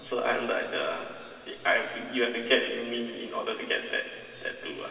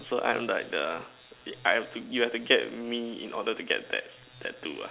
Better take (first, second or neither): second